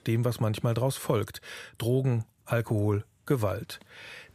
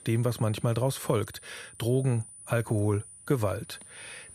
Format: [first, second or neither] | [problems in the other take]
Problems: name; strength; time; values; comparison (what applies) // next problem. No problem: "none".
first | high-pitched whine; noticeable; throughout; 9.5 kHz, 15 dB below the speech